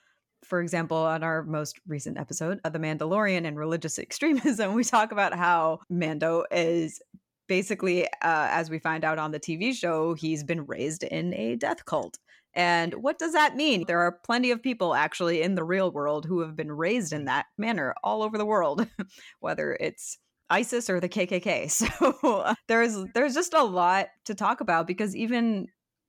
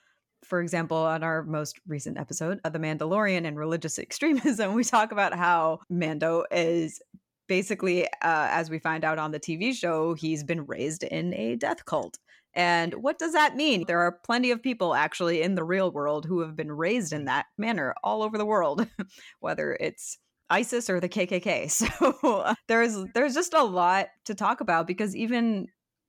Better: neither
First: none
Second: none

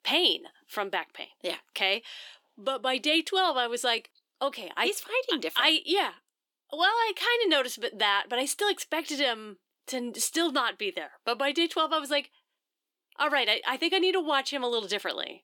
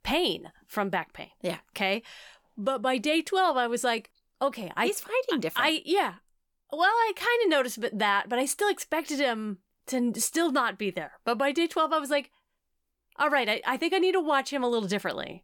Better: second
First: thin; very slightly; fading below 300 Hz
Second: none

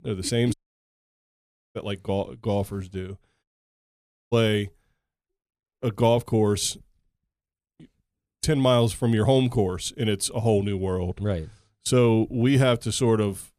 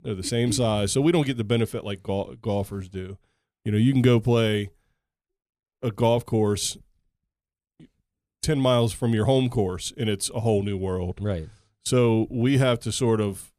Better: second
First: audio cutting out; at 0.5 s for 1 s and at 3.5 s for 1 s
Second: none

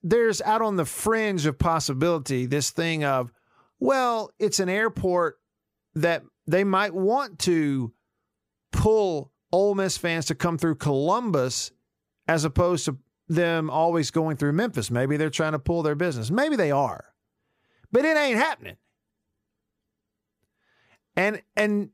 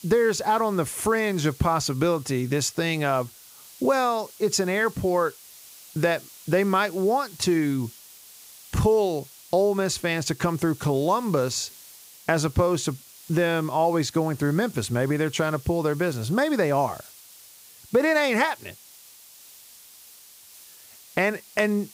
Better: first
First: none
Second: hiss; faint; throughout; 20 dB below the speech

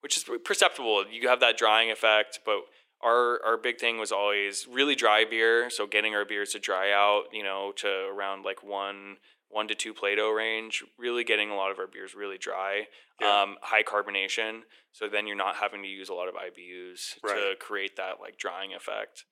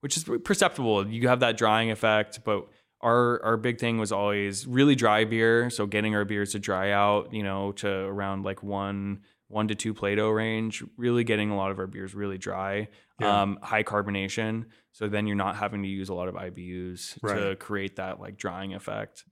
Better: second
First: thin; very; fading below 400 Hz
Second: none

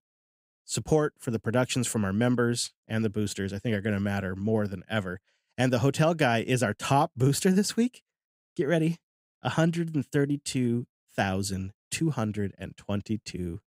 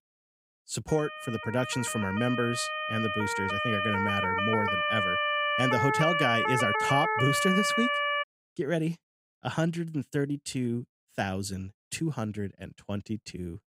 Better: first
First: none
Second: siren; loud; from 1 to 8 s; peak 5 dB above the speech

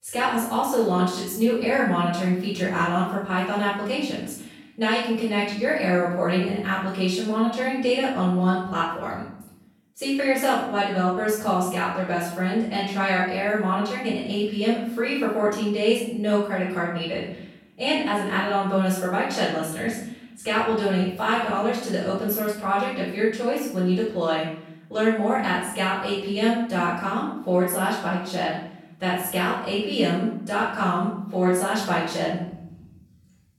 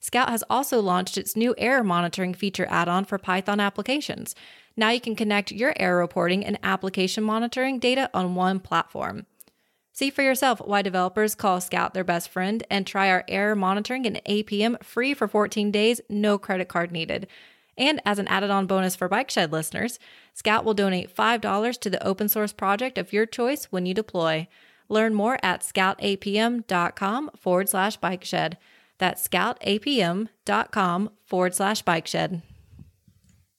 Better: second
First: room echo; noticeable; dies away in 0.6 s // off-mic speech; far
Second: none

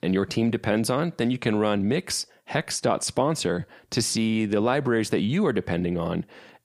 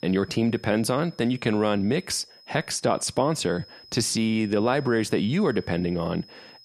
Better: first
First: none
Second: high-pitched whine; faint; throughout; 5 kHz, 25 dB below the speech

